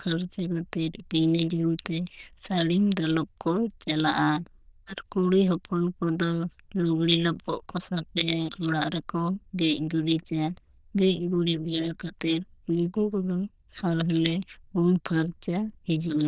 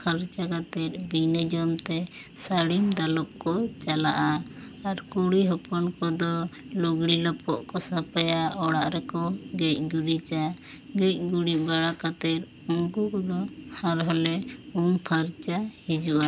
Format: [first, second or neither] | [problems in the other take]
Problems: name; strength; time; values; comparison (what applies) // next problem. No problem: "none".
second | noise reduction (neural diffusion model UNIVERSE++)